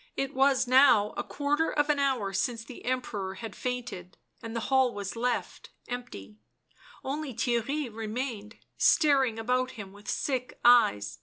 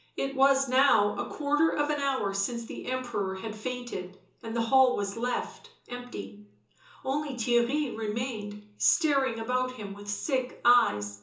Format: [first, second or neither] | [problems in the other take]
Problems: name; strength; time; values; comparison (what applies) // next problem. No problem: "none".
first | room echo; dies away in 0.8 s